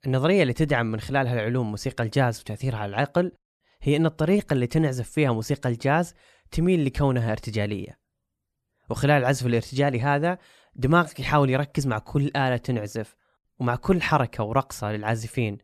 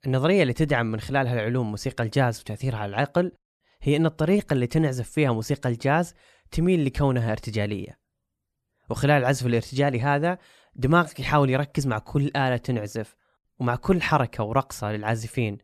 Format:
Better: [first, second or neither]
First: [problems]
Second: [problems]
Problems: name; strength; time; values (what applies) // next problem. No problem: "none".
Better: neither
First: none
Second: none